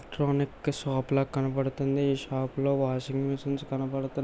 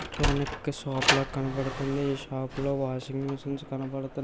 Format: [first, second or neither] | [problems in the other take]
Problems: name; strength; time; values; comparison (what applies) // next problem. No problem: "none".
first | background sound (Sliding door); 3 dB below the speech